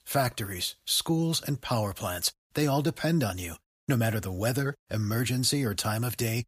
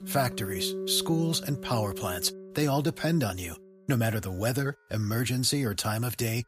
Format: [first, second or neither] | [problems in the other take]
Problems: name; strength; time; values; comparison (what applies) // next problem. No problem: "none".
first | background music; noticeable; throughout; 10 dB below the speech